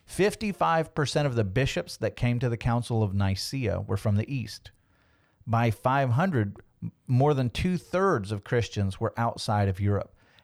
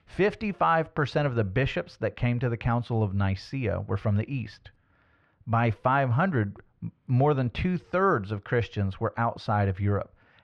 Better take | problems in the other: first | muffled; slightly; fading above 2.5 kHz

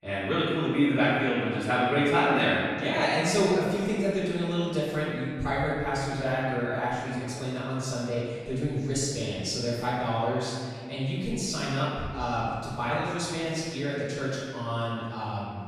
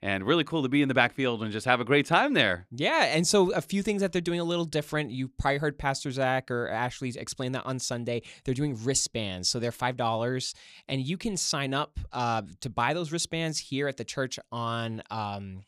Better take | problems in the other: second | off-mic speech; far // room echo; strong; dies away in 1.9 s

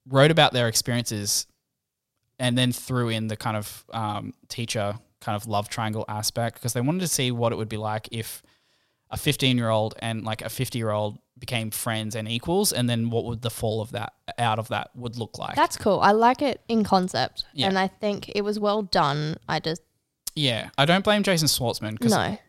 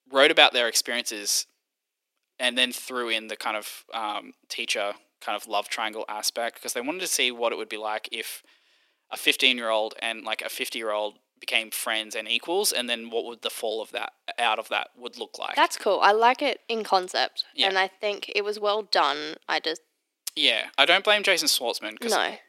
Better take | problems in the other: first | thin; somewhat; fading below 300 Hz

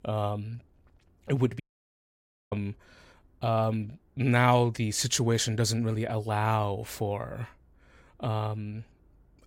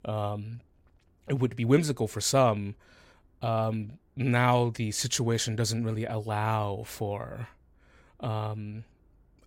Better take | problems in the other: second | audio cutting out; at 1.5 s for 1 s

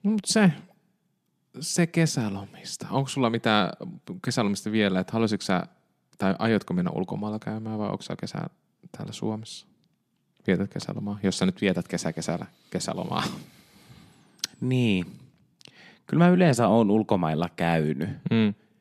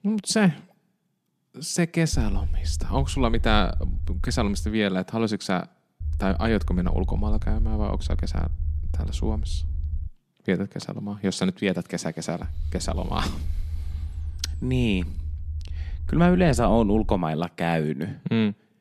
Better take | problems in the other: first | low rumble; faint; from 2 to 4.5 s, from 6 to 10 s and from 12 to 17 s; 20 dB below the speech

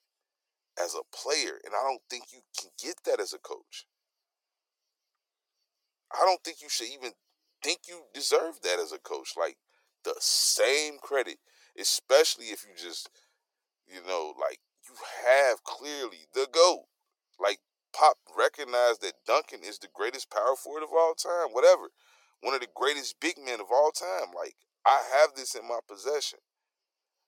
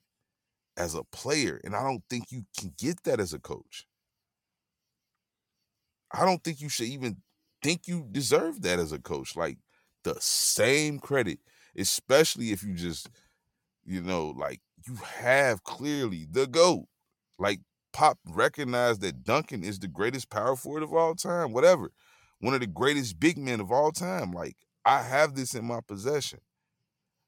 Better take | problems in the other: second | thin; very; fading below 350 Hz

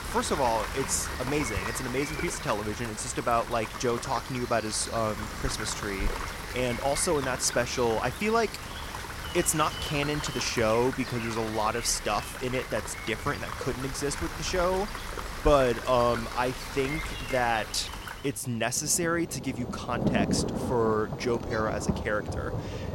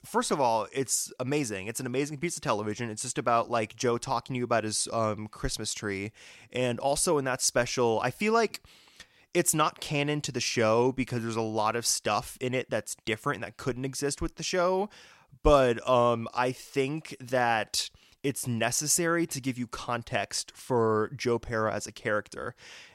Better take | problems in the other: second | rain or running water; loud; throughout; 6 dB below the speech

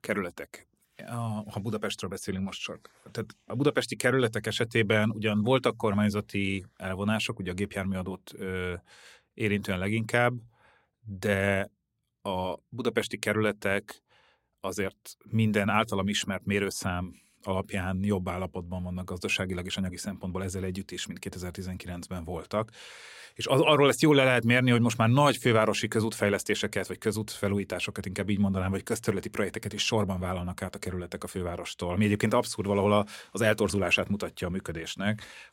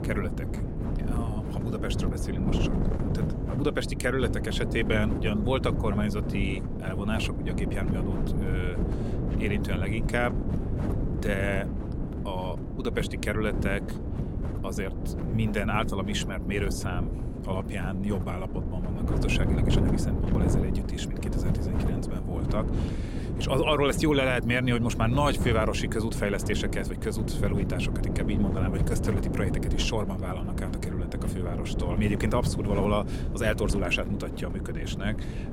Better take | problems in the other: first | wind noise on the microphone; heavy; 7 dB below the speech

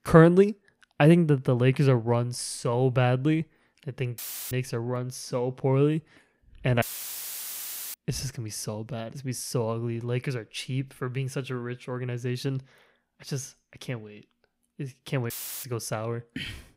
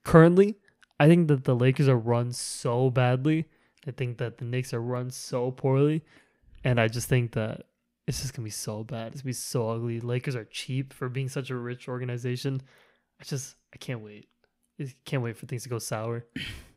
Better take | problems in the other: second | audio cutting out; filled with static; at 4 s, at 7 s for 1 s and at 15 s

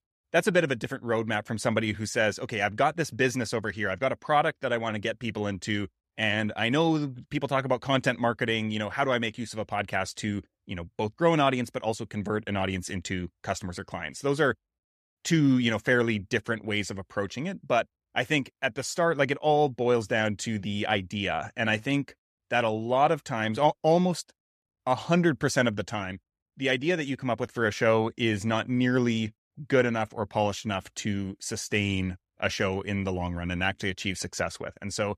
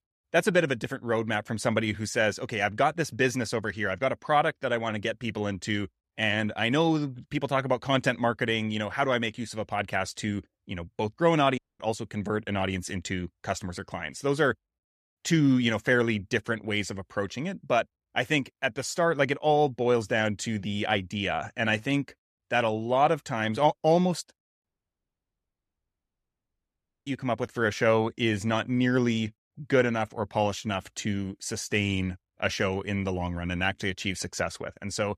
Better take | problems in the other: first | audio cutting out; at 12 s and at 25 s for 2.5 s

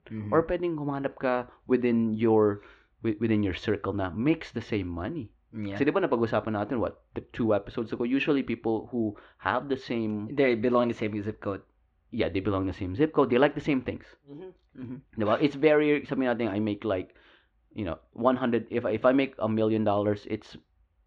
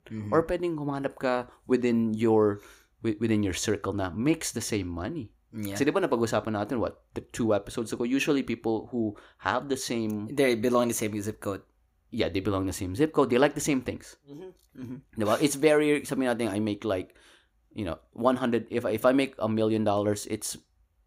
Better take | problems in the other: second | muffled; very; fading above 3.5 kHz

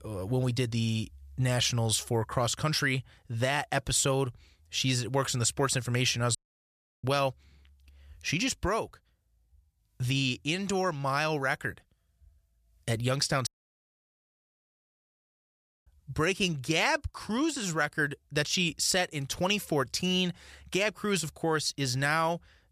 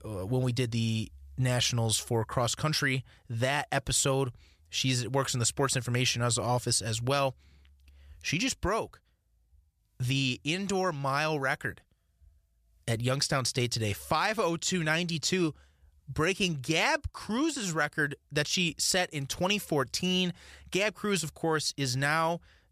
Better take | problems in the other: second | audio cutting out; at 6.5 s for 0.5 s and at 13 s for 2.5 s

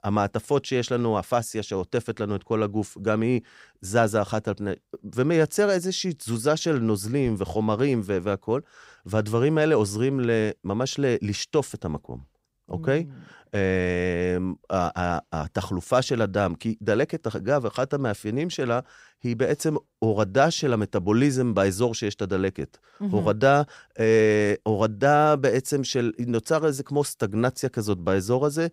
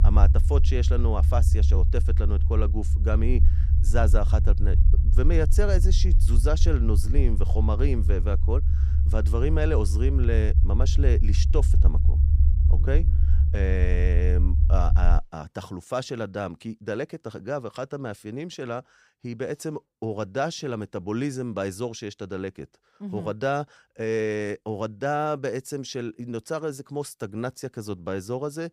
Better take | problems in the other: first | low rumble; loud; until 15 s; 10 dB below the speech

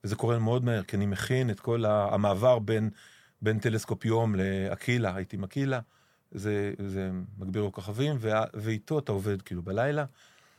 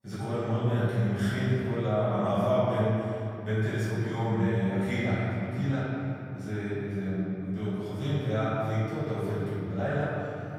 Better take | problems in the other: first | room echo; strong; dies away in 2.9 s // off-mic speech; far

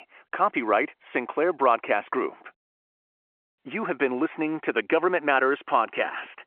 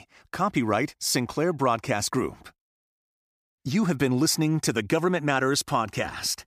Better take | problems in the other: second | phone-call audio

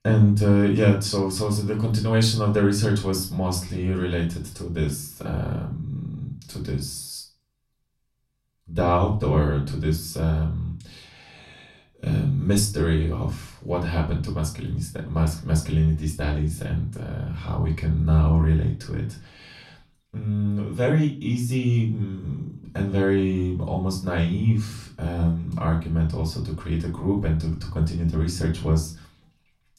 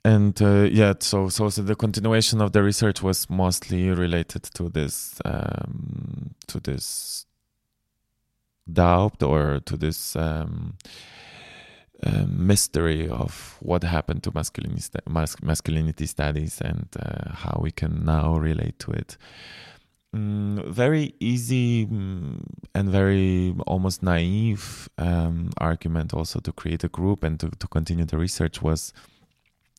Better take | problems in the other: second | off-mic speech; far // room echo; slight; dies away in 0.3 s

